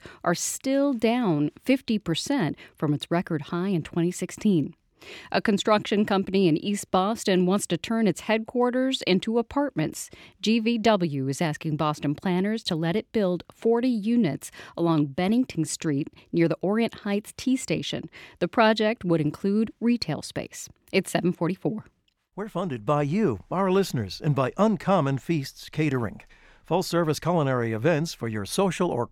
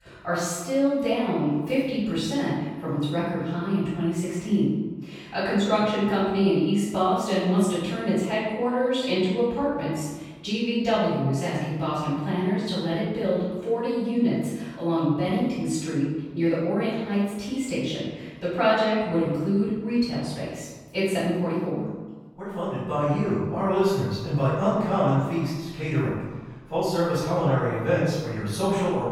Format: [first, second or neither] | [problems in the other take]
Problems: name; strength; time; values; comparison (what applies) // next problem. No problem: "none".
first | room echo; strong; dies away in 1.1 s // off-mic speech; far